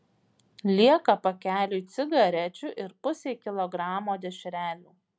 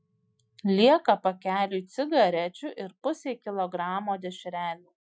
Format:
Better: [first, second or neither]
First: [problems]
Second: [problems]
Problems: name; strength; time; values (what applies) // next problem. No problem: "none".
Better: first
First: none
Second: noise reduction (classical method Wiener filter)